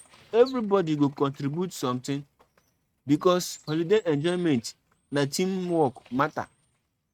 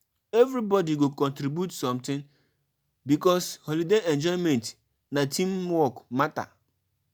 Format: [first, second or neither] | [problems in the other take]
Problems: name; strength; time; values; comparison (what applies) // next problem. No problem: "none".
second | noise reduction (neural mask model RNNoise)